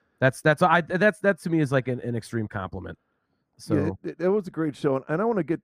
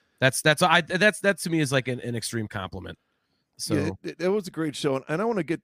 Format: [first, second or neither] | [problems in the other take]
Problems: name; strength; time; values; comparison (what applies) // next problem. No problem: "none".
second | muffled; slightly; fading above 2 kHz